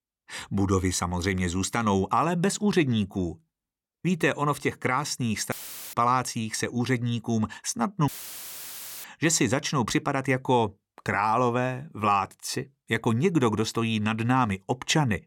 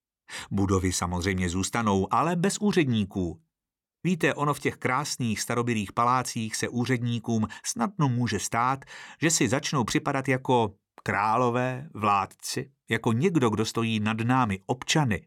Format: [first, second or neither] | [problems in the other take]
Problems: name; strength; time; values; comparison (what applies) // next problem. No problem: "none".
second | audio cutting out; filled with static; at 5.5 s and at 8 s for 1 s